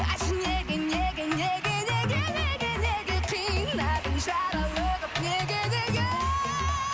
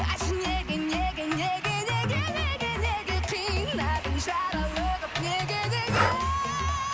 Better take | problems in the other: first | background sound (Breathing); 6 dB below the speech

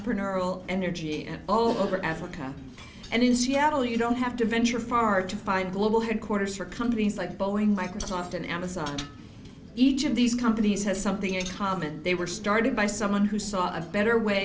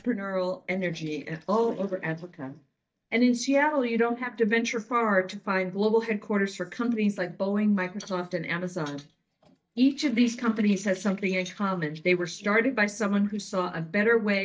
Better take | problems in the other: first | noise reduction (neural mask model DeepFilterNet 3)

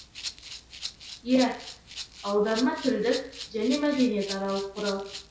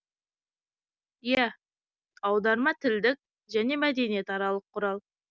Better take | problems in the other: second | background sound (Rattle (instrument)); 12 dB below the speech // room echo; dies away in 0.6 s

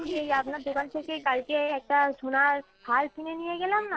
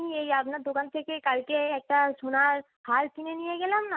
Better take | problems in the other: second | noise reduction (neural separator model SepFormer DNS4)

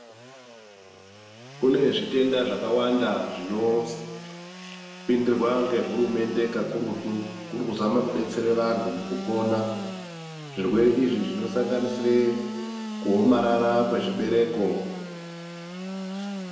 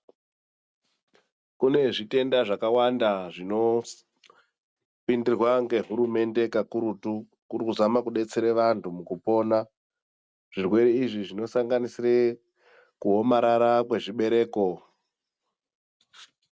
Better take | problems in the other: second | background sound (Sawing / Engine); 10 dB below the speech // room echo; dies away in 1 s

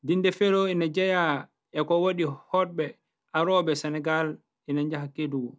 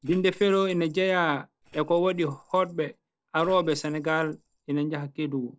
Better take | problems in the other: first | noise reduction (neural separator model SepFormer DNS4)

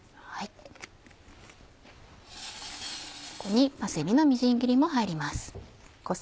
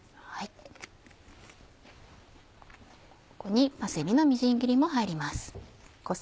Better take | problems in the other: second | background sound (Tools); 14 dB below the speech

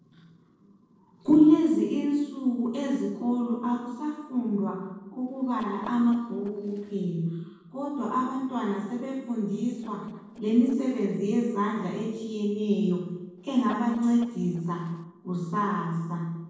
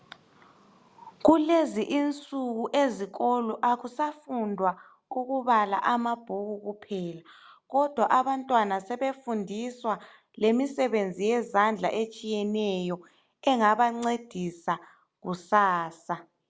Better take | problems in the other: second | noise reduction (neural separator model SepFormer DNS4)

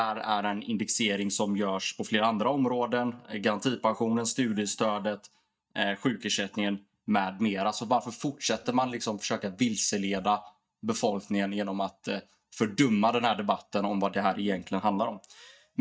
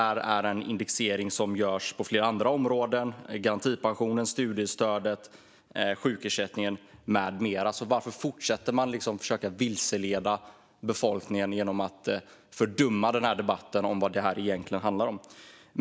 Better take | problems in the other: second | noise reduction (neural mask model DeepFilterNet 3)

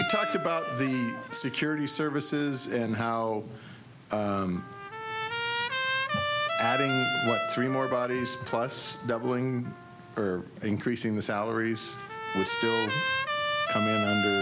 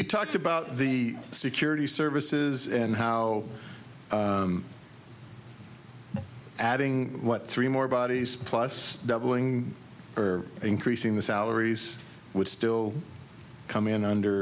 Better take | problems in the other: second | background sound (Trumpet); 2 dB below the speech

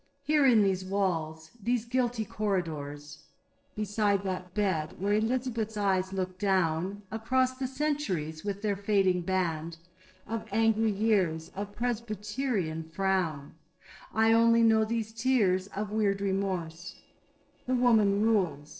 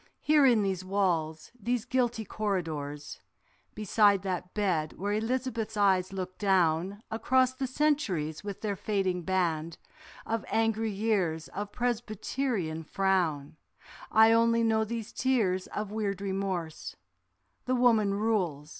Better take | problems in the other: second | noise reduction (neural separator model SepFormer DNS4)

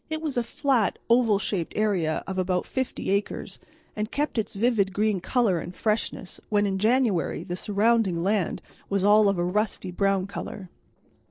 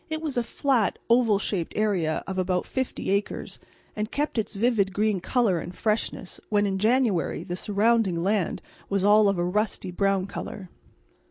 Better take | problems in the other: second | noise reduction (neural separator model SepFormer DNS4)

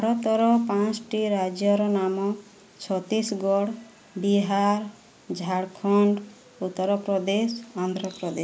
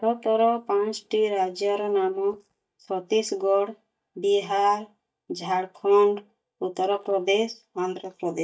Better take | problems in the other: first | noise reduction (neural mask model DeepFilterNet 3)

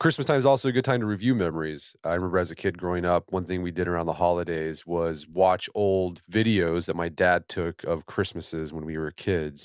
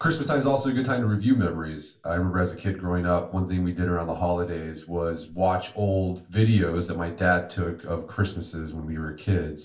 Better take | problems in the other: first | room echo; dies away in 0.3 s

